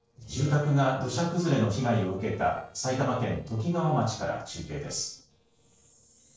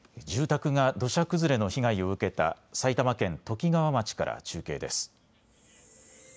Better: second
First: noise reduction (neural separator model SepFormer DNS4)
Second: none

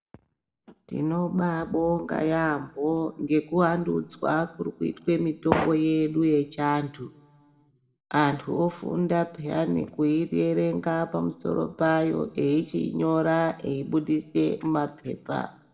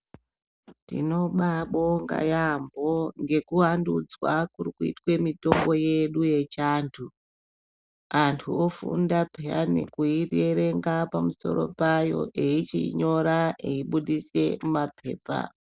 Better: second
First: room echo; dies away in 1.6 s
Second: none

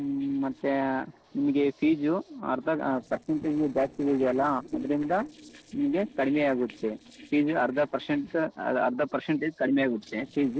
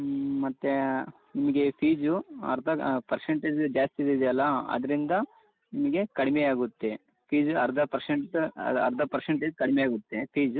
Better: second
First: noise reduction (neural separator model SepFormer DNS4)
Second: none

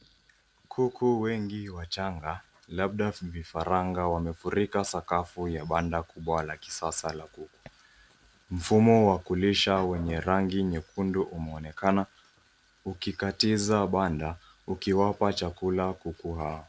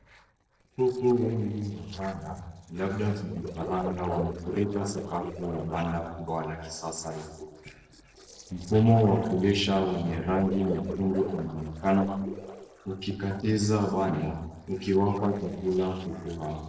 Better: first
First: none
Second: noise reduction (neural separator model SepFormer DNS4)

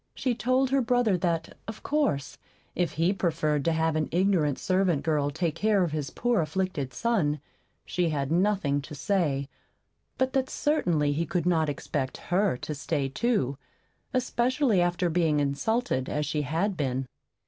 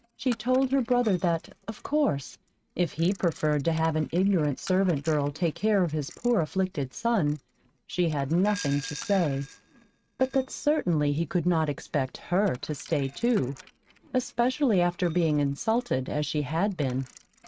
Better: first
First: none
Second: noise reduction (neural mask model RNNoise)

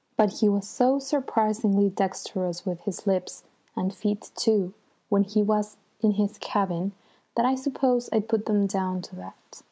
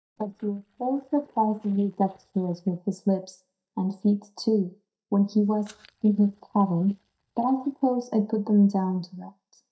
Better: first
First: none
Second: noise reduction (neural mask model DeepFilterNet 3)

